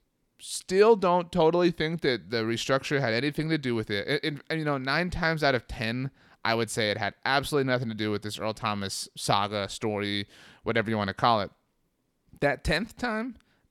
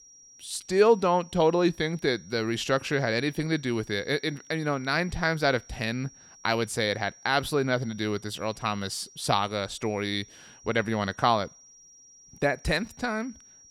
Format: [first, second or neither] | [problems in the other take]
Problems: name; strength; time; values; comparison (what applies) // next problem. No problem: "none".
first | high-pitched whine; faint; throughout; 5.5 kHz, 25 dB below the speech